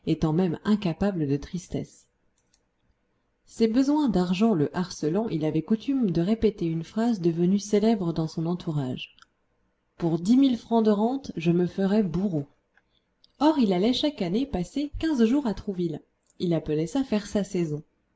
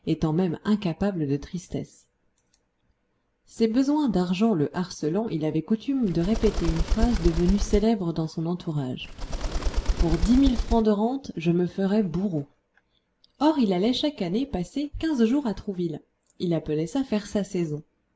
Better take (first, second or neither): first